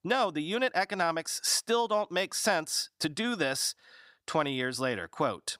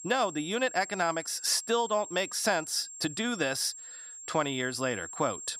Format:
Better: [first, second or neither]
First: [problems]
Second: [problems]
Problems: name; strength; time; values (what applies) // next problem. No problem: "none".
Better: first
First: none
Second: high-pitched whine; noticeable; throughout; 7.5 kHz, 10 dB below the speech